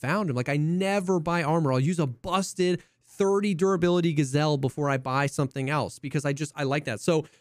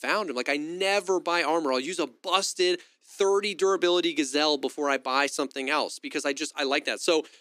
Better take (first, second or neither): first